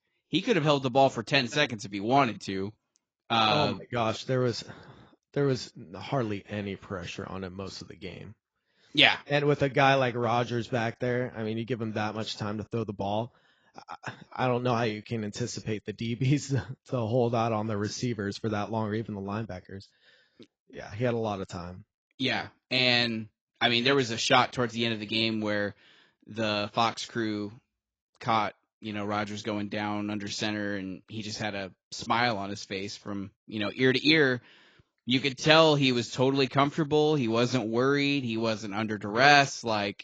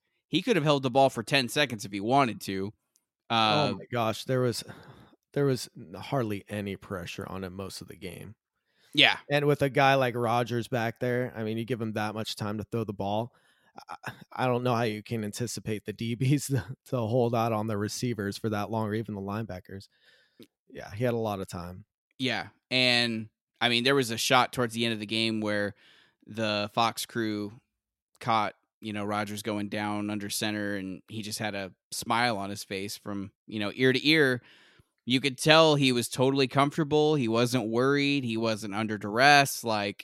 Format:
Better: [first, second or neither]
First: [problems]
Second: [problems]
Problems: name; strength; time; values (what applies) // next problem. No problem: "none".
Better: second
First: garbled, watery; badly; nothing above 7.5 kHz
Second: none